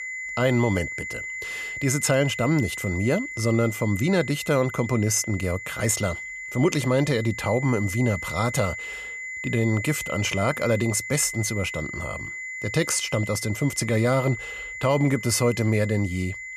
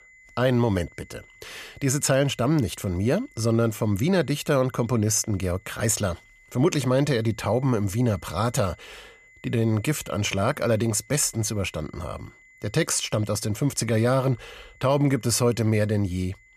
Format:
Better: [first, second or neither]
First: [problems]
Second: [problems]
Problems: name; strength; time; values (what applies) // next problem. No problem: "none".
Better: second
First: high-pitched whine; loud; throughout; 2 kHz, 8 dB below the speech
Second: high-pitched whine; faint; throughout; 2 kHz, 30 dB below the speech